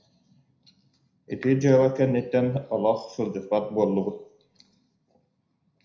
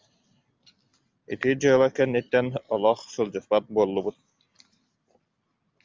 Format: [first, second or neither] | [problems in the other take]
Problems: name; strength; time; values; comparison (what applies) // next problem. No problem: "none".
second | room echo; dies away in 0.4 s